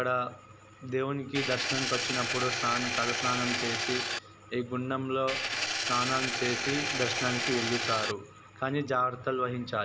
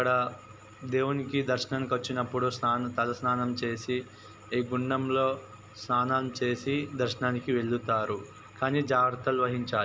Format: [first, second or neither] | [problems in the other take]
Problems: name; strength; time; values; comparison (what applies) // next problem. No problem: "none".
second | background sound (Engine); as loud as the speech